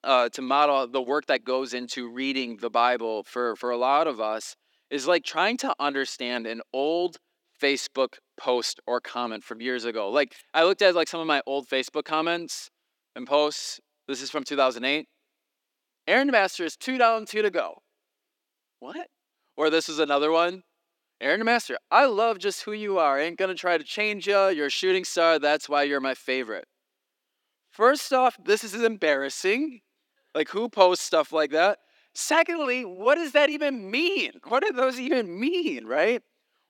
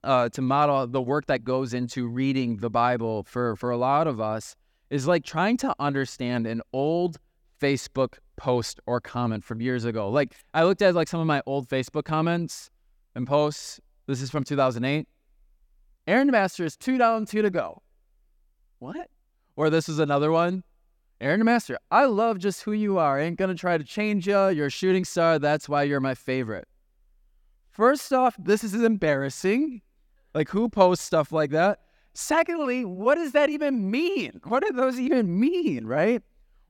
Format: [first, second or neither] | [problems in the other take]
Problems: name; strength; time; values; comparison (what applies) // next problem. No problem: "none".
second | thin; somewhat; fading below 300 Hz